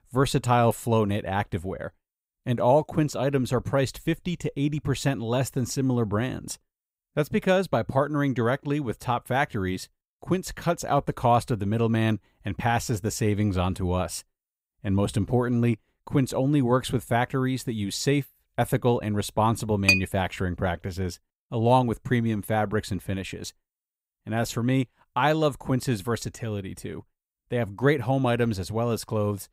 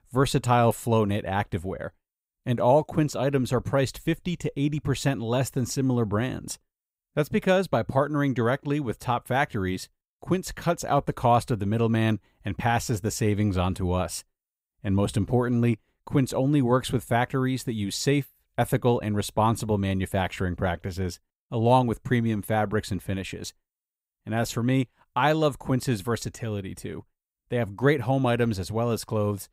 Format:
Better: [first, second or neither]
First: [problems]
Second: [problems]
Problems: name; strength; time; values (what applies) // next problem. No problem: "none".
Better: second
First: clattering dishes; loud; at 20 s; peak 4 dB above the speech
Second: none